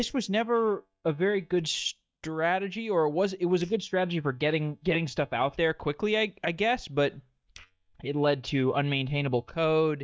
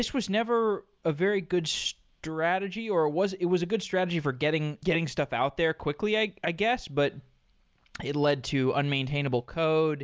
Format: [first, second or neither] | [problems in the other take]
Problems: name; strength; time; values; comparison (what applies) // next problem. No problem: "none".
second | noise reduction (neural mask model DeepFilterNet 3)